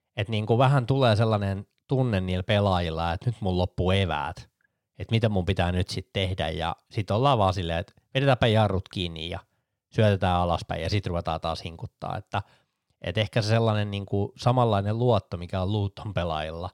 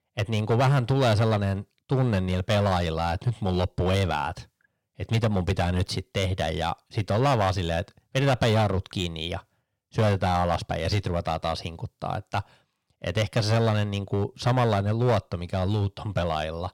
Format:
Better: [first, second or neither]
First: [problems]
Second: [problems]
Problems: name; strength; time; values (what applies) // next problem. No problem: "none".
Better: first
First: none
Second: distortion; slight; 8% of the sound clipped